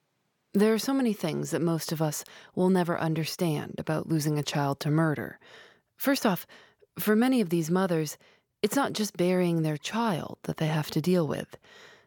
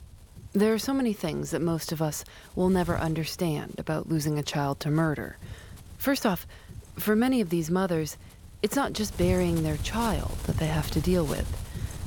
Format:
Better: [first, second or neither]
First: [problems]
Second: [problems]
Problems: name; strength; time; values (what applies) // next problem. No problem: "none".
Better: first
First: none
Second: wind noise on the microphone; occasional gusts; 15 dB below the speech